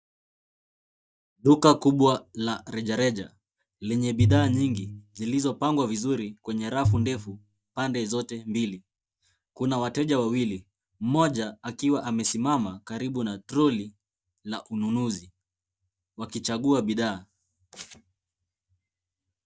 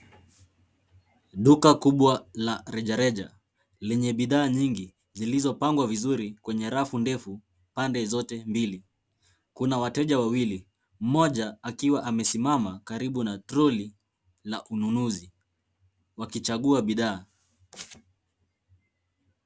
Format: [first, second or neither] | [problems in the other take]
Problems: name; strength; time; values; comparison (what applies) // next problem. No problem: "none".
second | noise reduction (neural mask model DeepFilterNet 3)